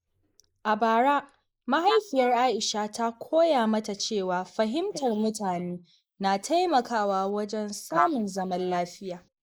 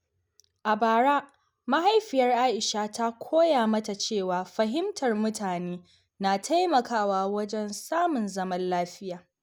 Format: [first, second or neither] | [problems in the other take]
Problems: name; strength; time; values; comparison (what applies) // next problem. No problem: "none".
second | noise reduction (neural mask model Resemble Enhance denoiser)